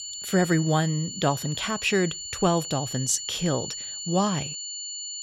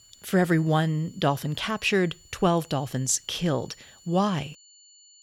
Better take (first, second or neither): second